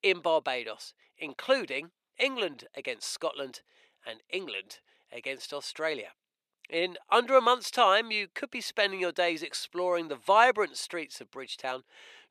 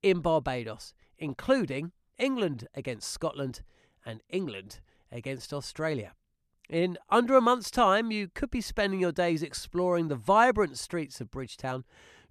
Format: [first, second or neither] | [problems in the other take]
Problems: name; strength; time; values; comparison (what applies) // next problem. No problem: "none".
second | thin; somewhat; fading below 500 Hz